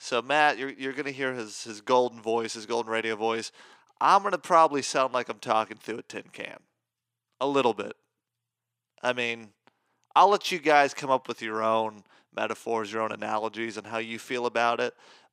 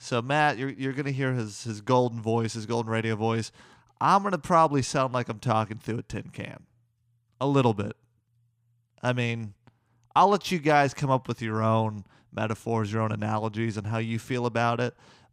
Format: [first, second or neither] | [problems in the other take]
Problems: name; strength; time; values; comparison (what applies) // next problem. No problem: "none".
second | thin; somewhat; fading below 400 Hz